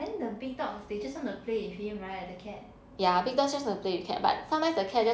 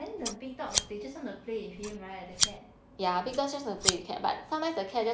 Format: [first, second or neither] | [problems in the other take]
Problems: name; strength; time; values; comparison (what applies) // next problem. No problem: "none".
first | background sound (Scissors); 2 dB below the speech